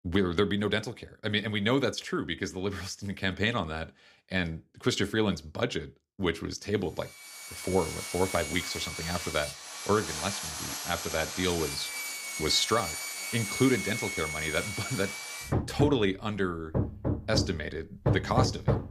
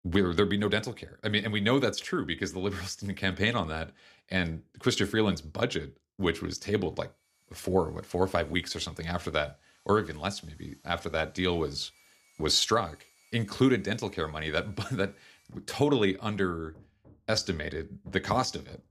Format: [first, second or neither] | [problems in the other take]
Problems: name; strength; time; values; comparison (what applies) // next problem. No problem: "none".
second | machinery noise; loud; from 7.5 s on; 3 dB below the speech; faint in the second